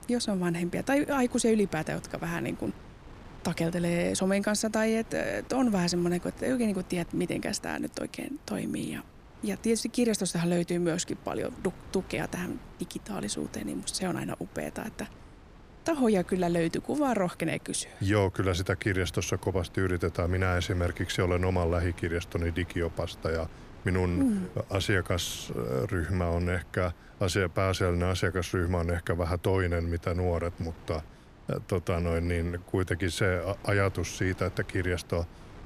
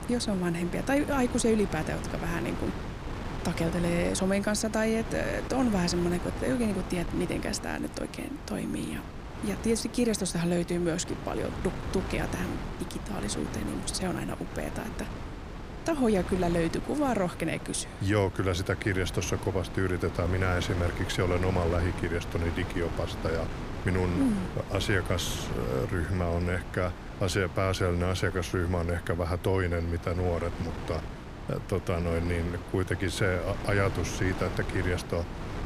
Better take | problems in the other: first | wind noise on the microphone; heavy; 9 dB below the speech; occasional gusts in the first

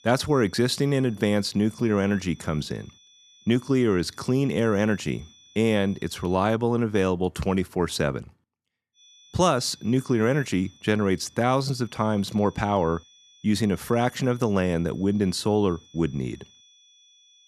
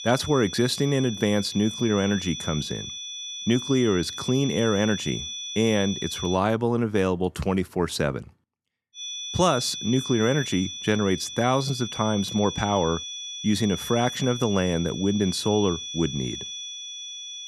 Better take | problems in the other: first | high-pitched whine; loud; until 6.5 s and from 9 s on; 3.5 kHz, 8 dB below the speech; faint in the first

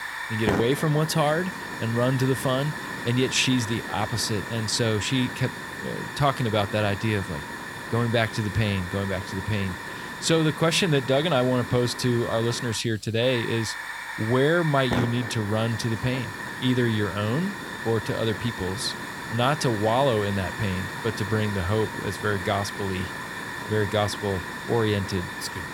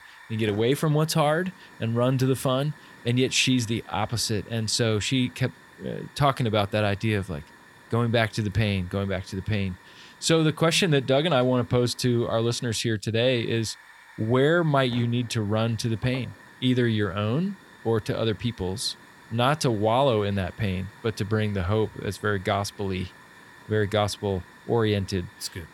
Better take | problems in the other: second | hiss; loud; throughout; 7 dB below the speech; faint in the second

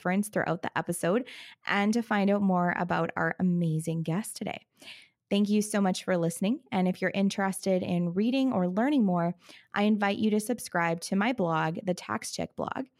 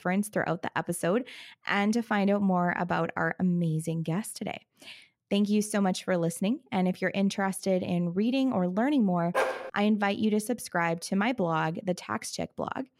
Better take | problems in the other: first | dog barking; noticeable; at 9.5 s; peak 1 dB below the speech

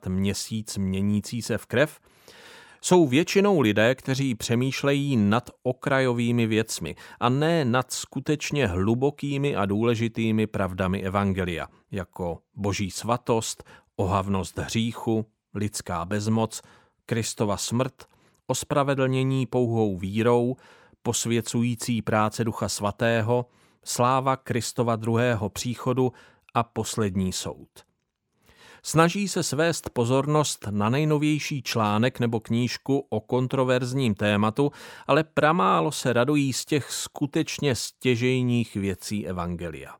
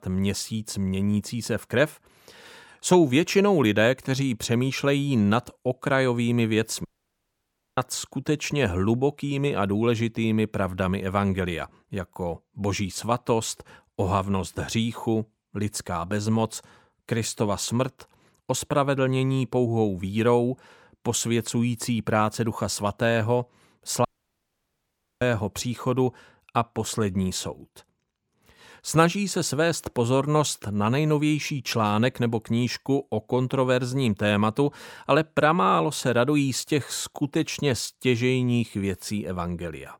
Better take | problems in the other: first | audio cutting out; at 7 s for 1 s and at 24 s for 1 s

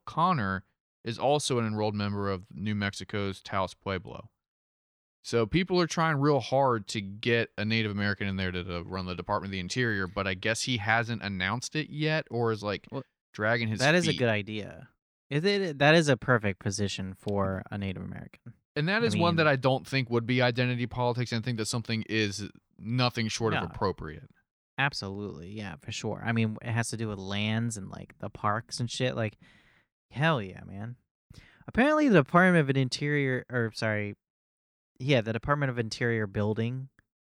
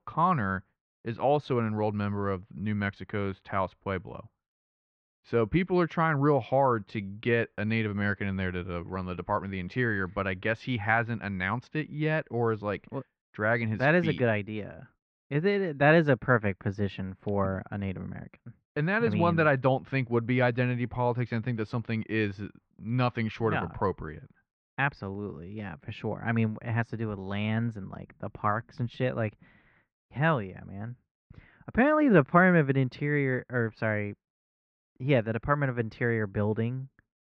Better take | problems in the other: first | muffled; very; fading above 2.5 kHz

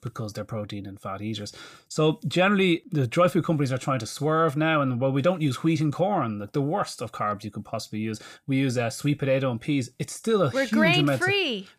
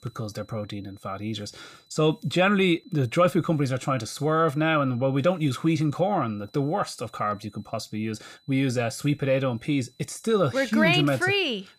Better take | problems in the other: first | high-pitched whine; faint; throughout; 4 kHz, 35 dB below the speech

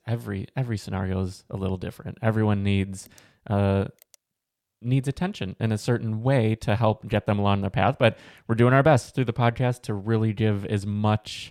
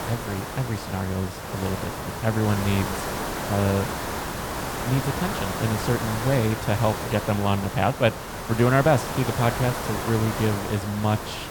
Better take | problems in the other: first | hiss; loud; throughout; 5 dB below the speech

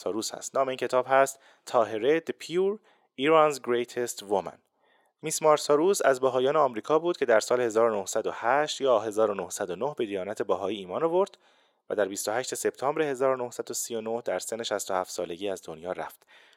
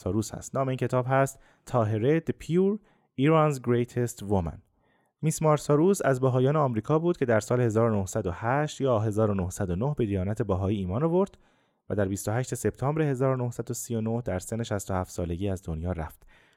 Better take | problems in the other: second | thin; very; fading below 500 Hz

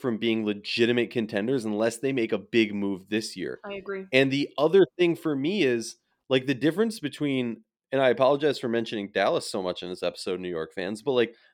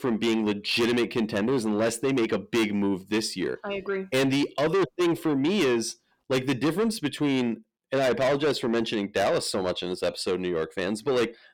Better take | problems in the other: first | distortion; heavy; 6 dB below the speech

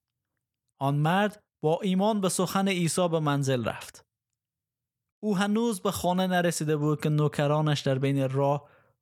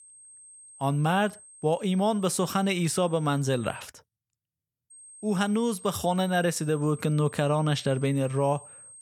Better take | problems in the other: first | high-pitched whine; noticeable; until 4 s and from 5 s on; 8.5 kHz, 20 dB below the speech

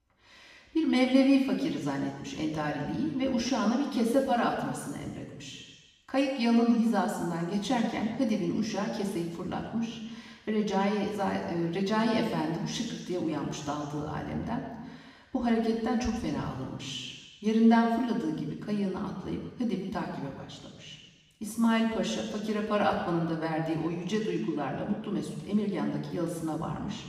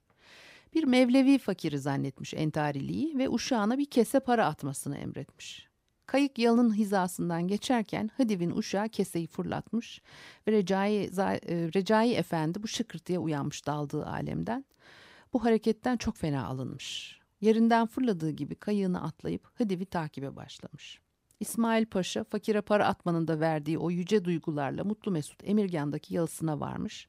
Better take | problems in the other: second | room echo; noticeable; dies away in 1.3 s // off-mic speech; far

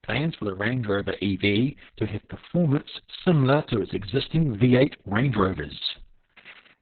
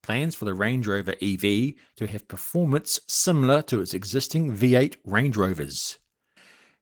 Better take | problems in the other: second | garbled, watery; badly; nothing above 4 kHz; slightly in the second

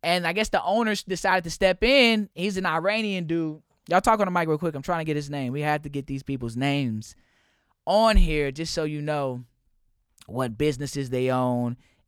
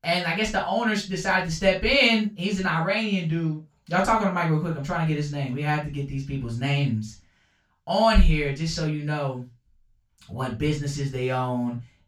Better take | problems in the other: first | room echo; noticeable; dies away in 0.2 s // off-mic speech; far

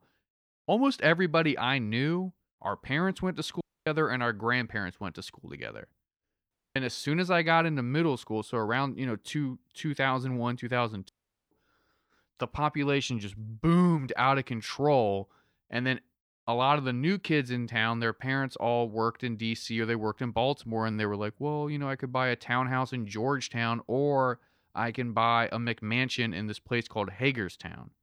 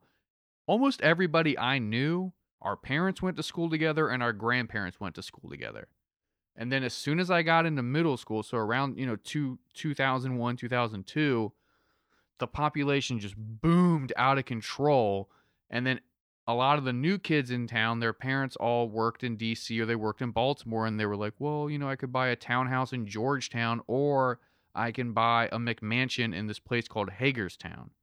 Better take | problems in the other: second | audio cutting out; at 3.5 s, at 6.5 s and at 11 s

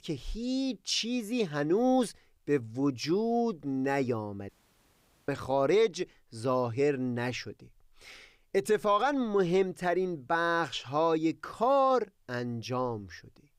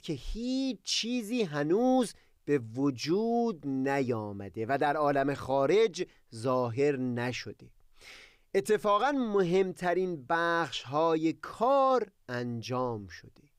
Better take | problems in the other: second | audio cutting out; at 4.5 s for 1 s

